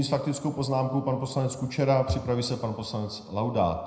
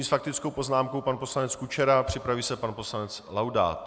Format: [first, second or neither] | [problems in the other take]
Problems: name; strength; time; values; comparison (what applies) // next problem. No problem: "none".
second | room echo; dies away in 0.8 s